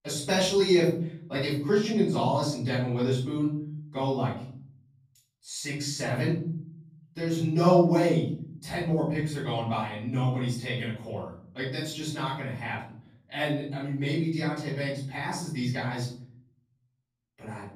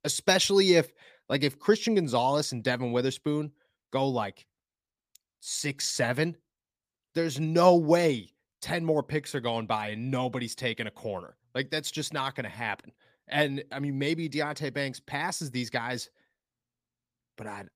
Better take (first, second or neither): second